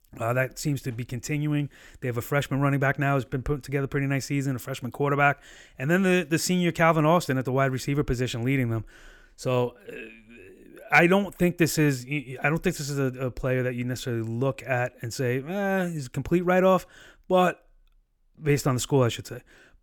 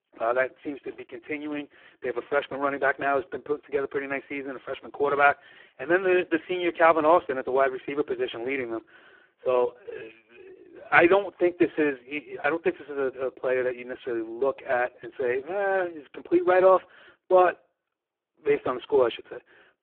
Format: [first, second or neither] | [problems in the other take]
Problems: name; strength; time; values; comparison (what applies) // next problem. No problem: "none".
first | phone-call audio; poor line